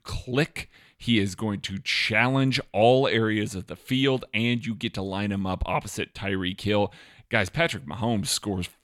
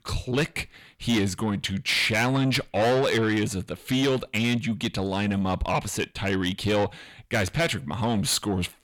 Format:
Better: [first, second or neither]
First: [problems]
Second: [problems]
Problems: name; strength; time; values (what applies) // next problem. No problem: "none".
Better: first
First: none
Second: distortion; heavy; 8 dB below the speech